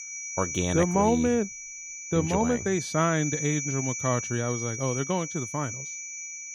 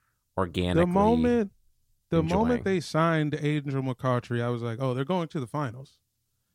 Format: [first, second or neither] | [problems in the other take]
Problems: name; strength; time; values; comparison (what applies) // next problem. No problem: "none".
second | high-pitched whine; loud; throughout; 6 kHz, 6 dB below the speech